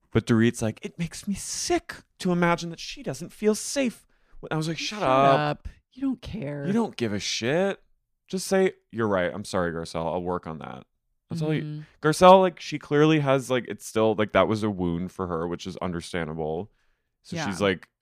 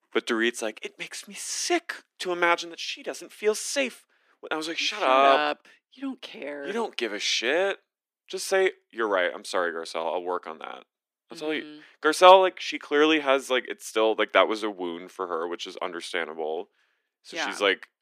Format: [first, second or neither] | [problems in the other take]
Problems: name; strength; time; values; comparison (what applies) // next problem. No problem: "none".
first | thin; somewhat; fading below 300 Hz